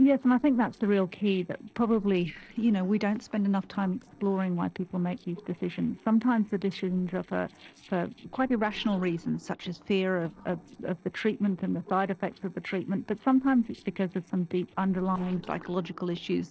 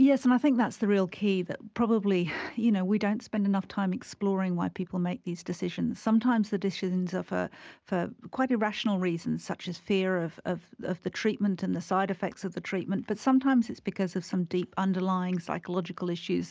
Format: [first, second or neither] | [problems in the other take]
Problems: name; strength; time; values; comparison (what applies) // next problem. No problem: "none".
second | noise reduction (neural separator model SepFormer DNS4)